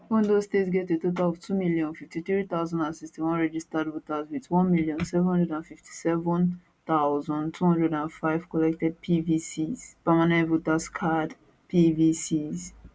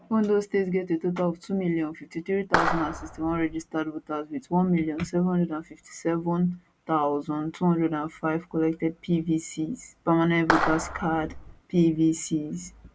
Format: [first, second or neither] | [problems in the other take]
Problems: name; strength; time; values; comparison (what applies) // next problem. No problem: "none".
first | background sound (Clapping); 2 dB below the speech